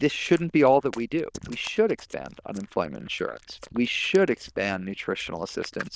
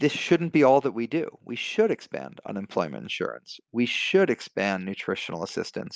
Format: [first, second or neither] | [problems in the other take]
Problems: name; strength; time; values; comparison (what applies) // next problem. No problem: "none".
second | noise reduction (neural diffusion model UNIVERSE++)